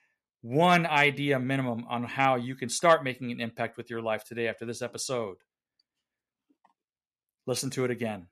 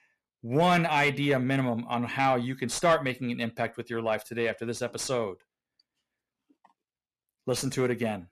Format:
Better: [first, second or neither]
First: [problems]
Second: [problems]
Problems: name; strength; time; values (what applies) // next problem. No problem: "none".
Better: first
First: none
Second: distortion; slight; 10 dB below the speech